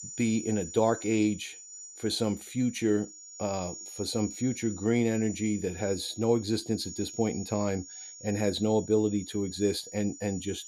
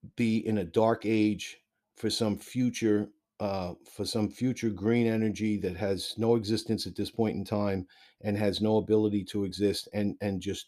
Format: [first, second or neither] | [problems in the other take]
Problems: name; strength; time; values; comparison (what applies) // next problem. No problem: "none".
second | high-pitched whine; noticeable; throughout; 7 kHz, 10 dB below the speech